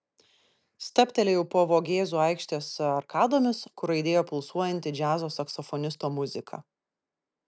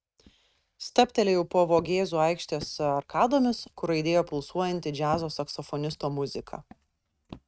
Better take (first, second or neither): first